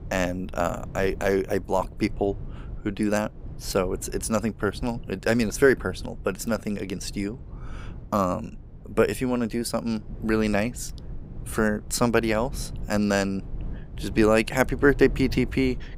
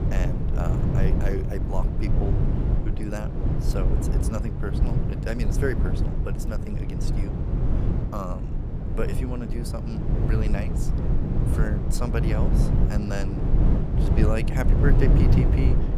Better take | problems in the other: first | low rumble; loud; throughout; 1 dB below the speech; faint in the first

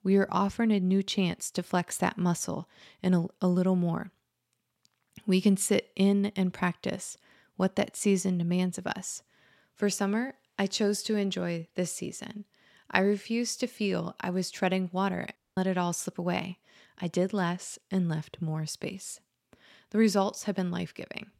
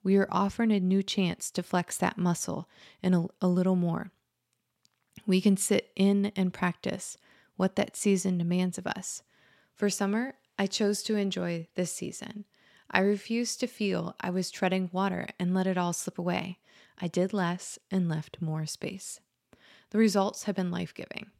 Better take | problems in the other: second | audio cutting out; at 15 s

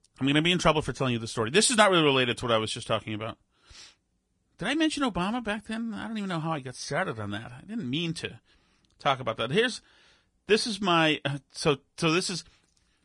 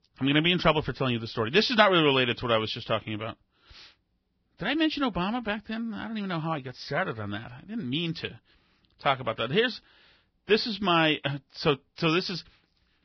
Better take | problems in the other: first | garbled, watery; badly; nothing above 5.5 kHz; slightly in the first

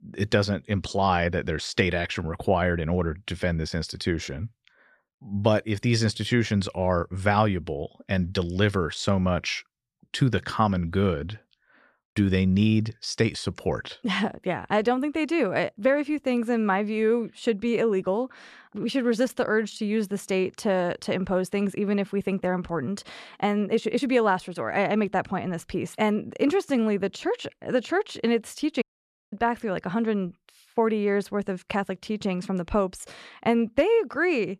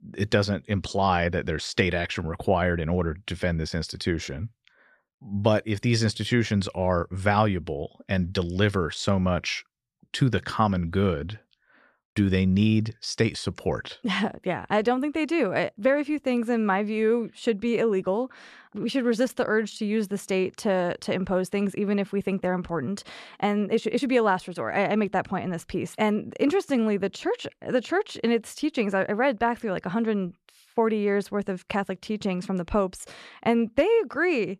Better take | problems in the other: second | audio cutting out; at 29 s for 0.5 s

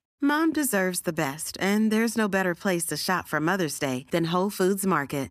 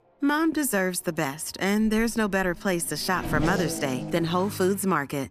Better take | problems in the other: first | traffic noise; loud; throughout; 8 dB below the speech

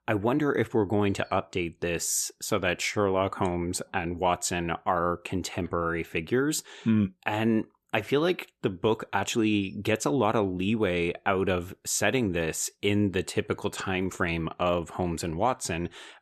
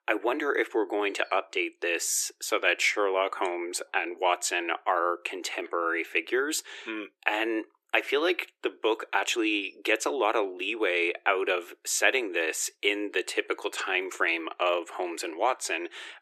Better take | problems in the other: first | thin; very; fading below 350 Hz

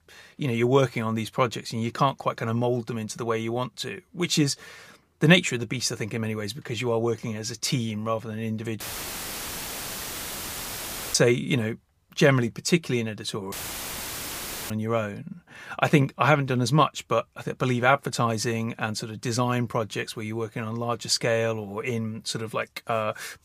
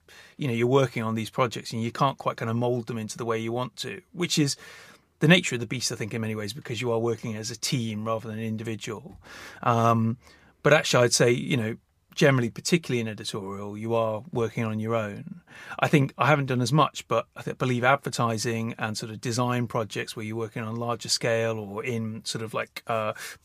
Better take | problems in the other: second | audio cutting out; filled with static; at 9 s for 2.5 s and at 14 s for 1 s

